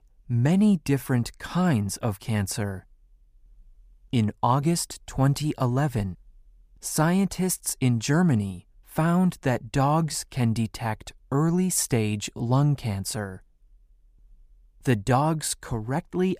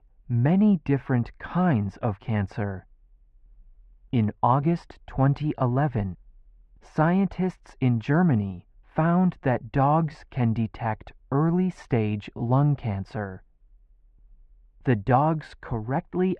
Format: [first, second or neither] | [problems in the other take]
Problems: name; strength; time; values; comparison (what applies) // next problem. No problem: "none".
first | muffled; very; fading above 2.5 kHz